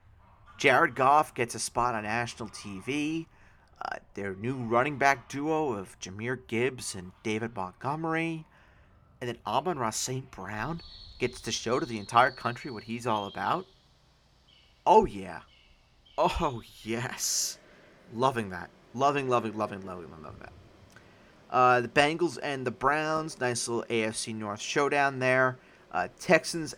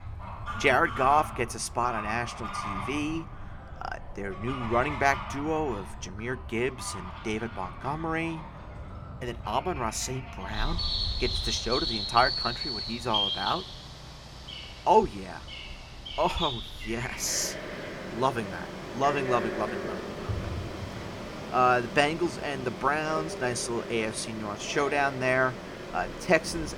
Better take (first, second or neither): first